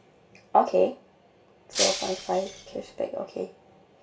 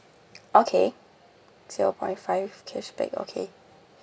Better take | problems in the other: second | background sound (Shatter); 4 dB below the speech // room echo; dies away in 0.3 s

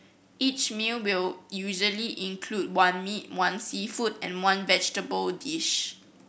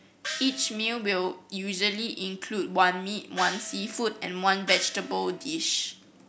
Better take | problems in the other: first | background sound (Gong); 10 dB below the speech

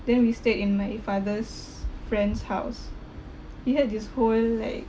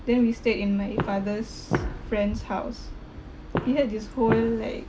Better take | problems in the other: first | background sound (Walk, footsteps); 5 dB below the speech

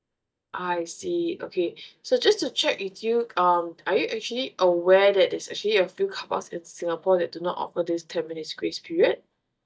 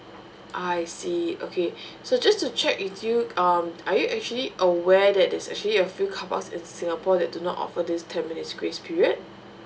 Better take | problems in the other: second | noise reduction (neural mask model DeepFilterNet 3)

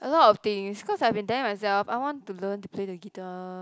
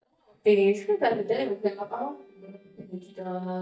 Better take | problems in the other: first | noise reduction (neural mask model DeepFilterNet 3)

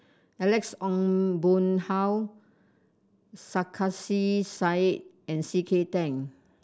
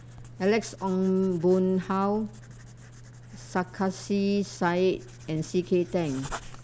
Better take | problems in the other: first | background sound (Writing); 17 dB below the speech

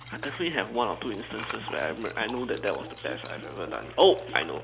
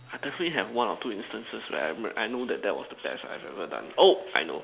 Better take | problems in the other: second | background sound (Liquid); 13 dB below the speech

